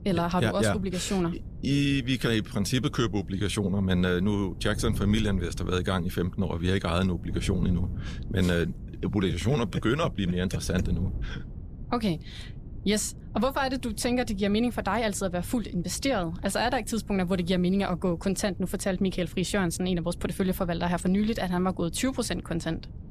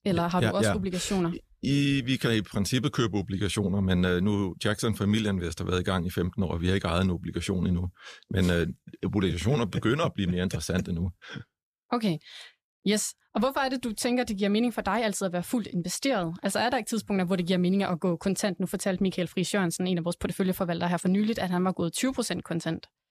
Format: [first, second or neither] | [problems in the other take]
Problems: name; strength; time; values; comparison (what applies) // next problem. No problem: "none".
second | wind noise on the microphone; occasional gusts; 20 dB below the speech